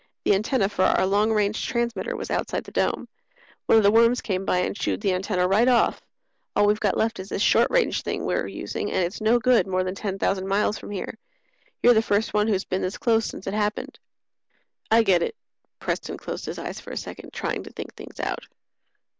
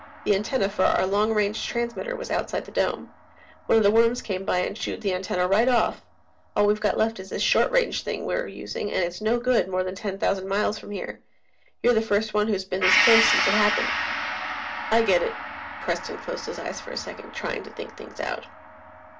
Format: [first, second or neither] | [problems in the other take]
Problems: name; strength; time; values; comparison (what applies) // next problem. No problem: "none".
first | background sound (Gong); 7 dB below the speech // room echo; dies away in 0.2 s